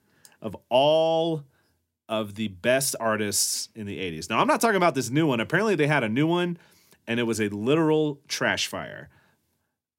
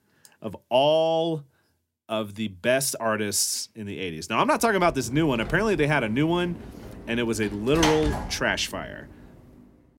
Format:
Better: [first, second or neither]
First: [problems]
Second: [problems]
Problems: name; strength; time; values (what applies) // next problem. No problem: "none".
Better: first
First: none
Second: door banging; noticeable; from 5 to 8.5 s; peak 1 dB below the speech